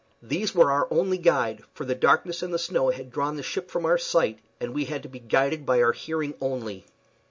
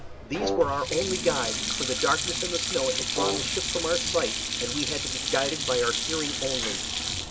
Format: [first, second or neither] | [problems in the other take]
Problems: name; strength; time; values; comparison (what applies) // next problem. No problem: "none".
first | background sound (Sink (filling or washing) + Brass instrument); as loud as the speech